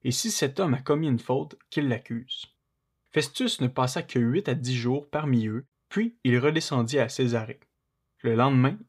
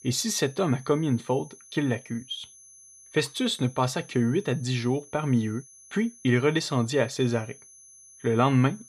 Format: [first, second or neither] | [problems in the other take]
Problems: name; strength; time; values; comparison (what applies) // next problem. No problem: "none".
first | high-pitched whine; faint; throughout; 6 kHz, 20 dB below the speech